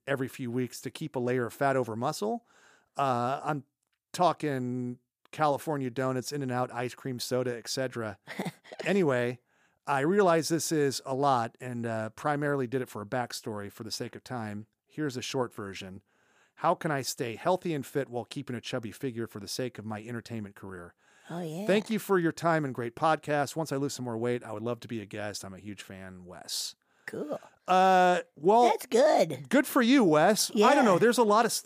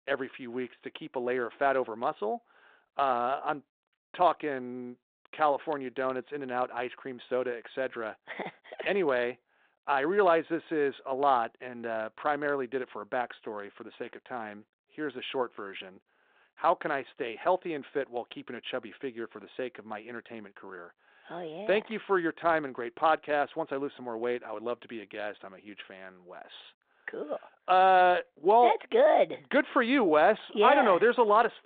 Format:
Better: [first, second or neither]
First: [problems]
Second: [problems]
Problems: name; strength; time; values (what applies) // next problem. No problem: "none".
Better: first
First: none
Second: phone-call audio; nothing above 4 kHz